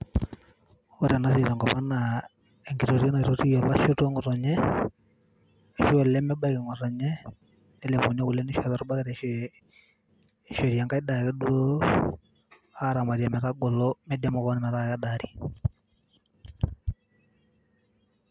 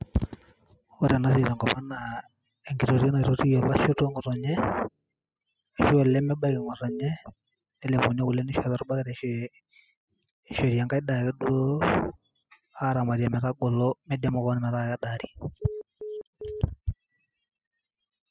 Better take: first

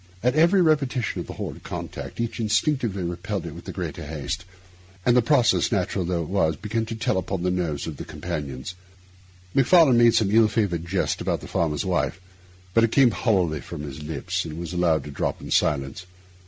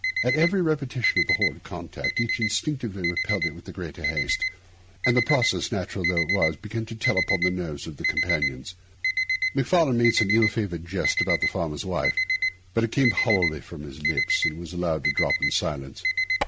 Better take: first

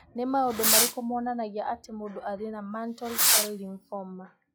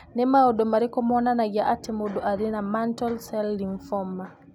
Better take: second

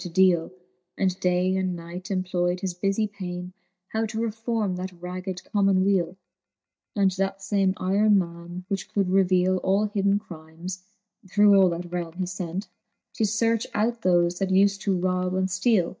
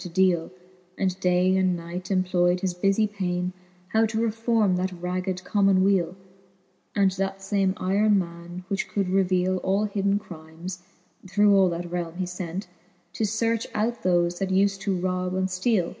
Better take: second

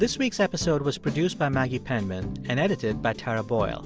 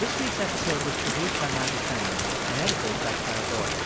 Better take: first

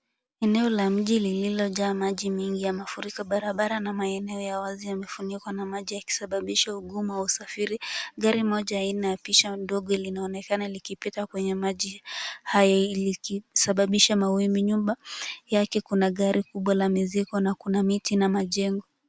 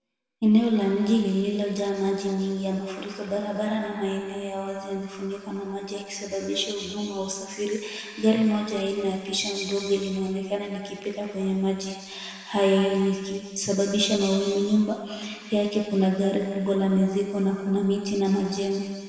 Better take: first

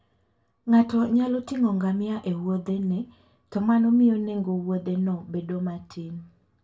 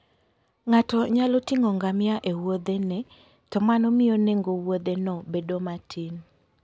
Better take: second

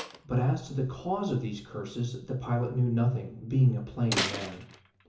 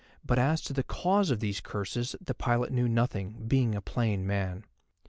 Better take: second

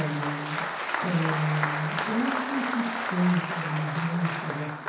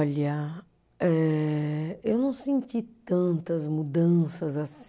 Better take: second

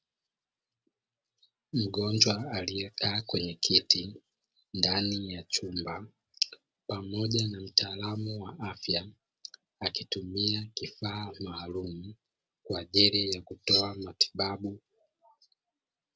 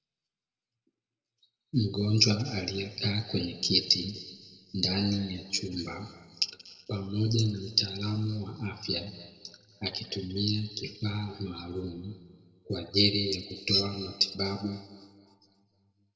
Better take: first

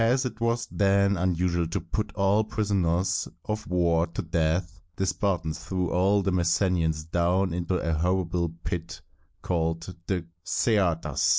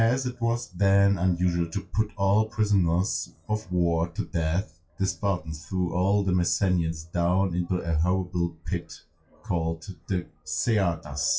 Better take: first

